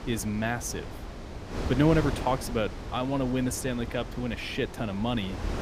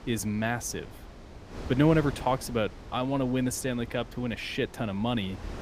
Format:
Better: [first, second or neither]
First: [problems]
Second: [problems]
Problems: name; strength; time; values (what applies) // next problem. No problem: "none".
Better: second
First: wind noise on the microphone; heavy; 10 dB below the speech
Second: wind noise on the microphone; occasional gusts; 15 dB below the speech